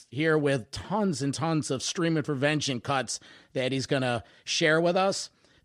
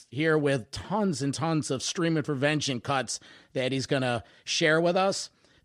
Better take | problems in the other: neither | none

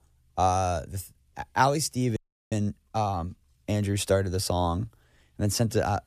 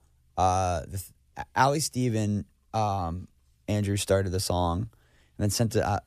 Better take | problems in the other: second | audio freezing; at 2 s

